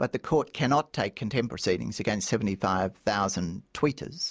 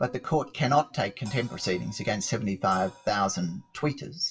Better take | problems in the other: first | noise reduction (classical method WPE with log-MMSE)

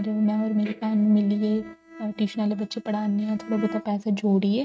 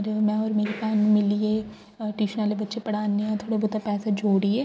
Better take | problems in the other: second | noise reduction (neural mask model RNNoise)

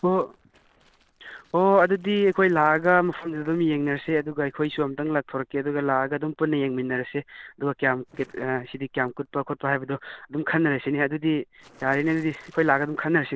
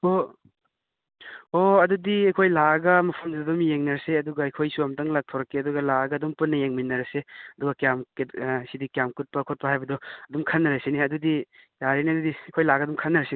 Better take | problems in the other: second | noise reduction (neural separator model SepFormer DNS4)

